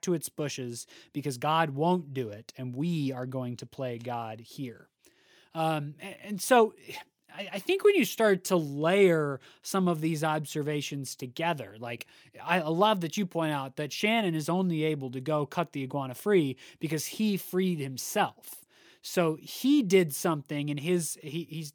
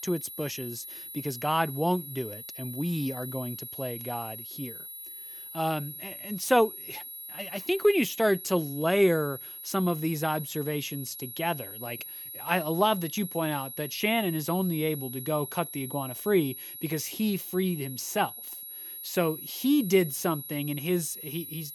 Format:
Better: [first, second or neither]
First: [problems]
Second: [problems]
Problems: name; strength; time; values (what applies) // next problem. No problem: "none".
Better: first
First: none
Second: high-pitched whine; loud; throughout; 11.5 kHz, 9 dB below the speech